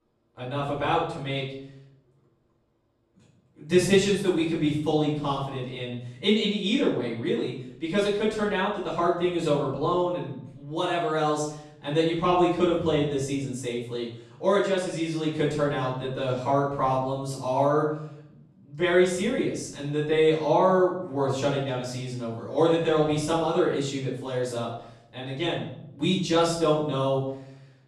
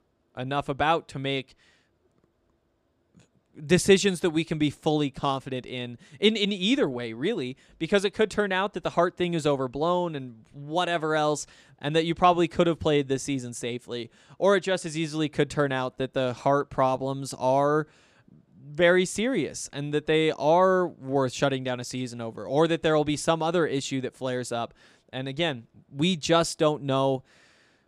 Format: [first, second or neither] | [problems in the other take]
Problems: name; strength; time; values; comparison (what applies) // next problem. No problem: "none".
second | off-mic speech; far // room echo; noticeable; dies away in 0.6 s